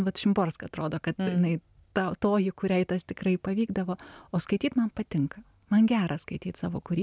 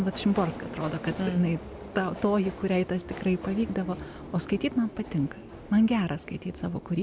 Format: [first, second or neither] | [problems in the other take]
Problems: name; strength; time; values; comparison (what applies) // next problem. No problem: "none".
first | background sound (Subway, metro, underground); 13 dB below the speech